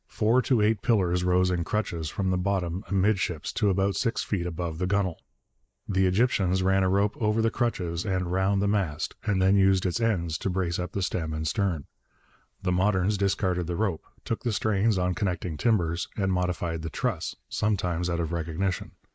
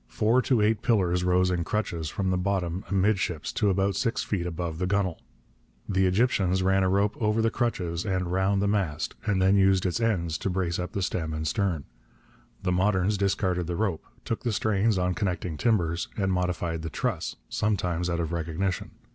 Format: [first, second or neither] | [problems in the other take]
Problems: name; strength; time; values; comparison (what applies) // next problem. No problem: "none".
second | noise reduction (neural mask model Resemble Enhance denoiser)